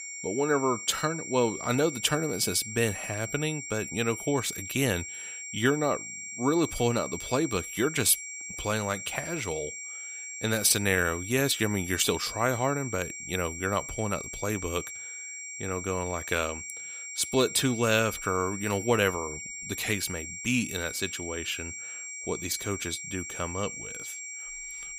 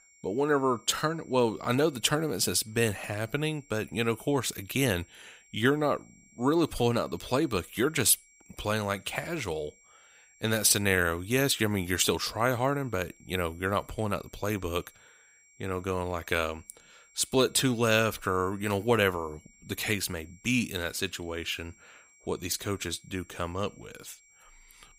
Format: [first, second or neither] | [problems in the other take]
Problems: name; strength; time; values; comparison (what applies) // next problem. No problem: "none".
second | high-pitched whine; loud; throughout; 2.5 kHz, 8 dB below the speech; faint in the second